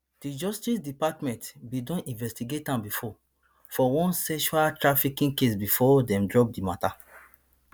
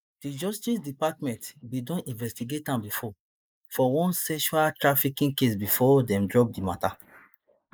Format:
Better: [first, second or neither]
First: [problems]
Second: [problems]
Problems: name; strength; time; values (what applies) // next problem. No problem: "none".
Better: first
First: none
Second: noise reduction (neural mask model Resemble Enhance denoiser)